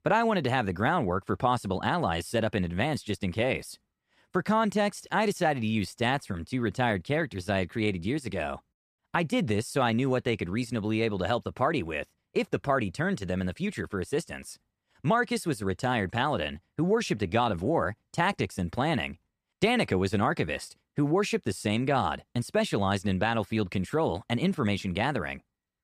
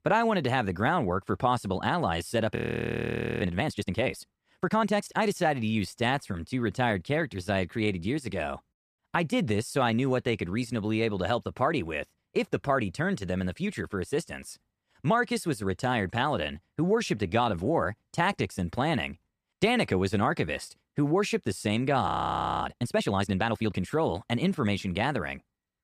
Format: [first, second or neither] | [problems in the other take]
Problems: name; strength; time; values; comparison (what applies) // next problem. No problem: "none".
first | audio freezing; at 2.5 s for 1 s and at 22 s for 0.5 s